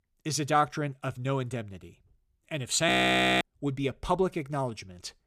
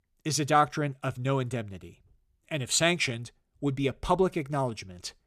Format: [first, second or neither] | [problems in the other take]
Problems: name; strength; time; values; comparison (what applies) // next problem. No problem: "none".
second | audio freezing; at 3 s for 0.5 s